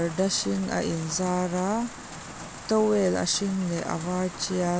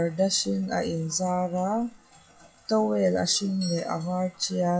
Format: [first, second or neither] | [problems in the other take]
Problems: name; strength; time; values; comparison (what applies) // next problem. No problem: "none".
first | noise reduction (classical method WPE with log-MMSE)